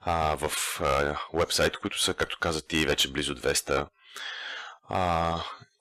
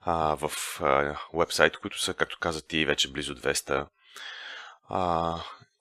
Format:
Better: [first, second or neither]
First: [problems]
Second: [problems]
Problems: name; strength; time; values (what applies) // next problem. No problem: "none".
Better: second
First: distortion; heavy; 4% of the sound clipped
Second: none